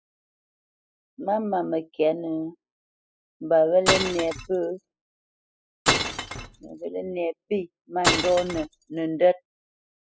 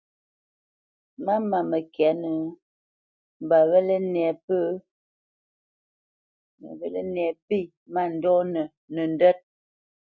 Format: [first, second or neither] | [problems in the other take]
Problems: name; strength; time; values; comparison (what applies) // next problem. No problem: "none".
second | noise reduction (classical method spectral subtraction)